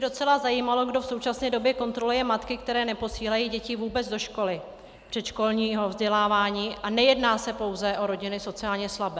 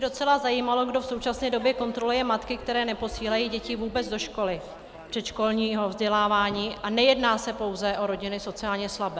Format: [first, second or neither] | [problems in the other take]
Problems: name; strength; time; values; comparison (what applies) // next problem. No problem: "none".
first | background sound (Crowd / Fireworks); 19 dB below the speech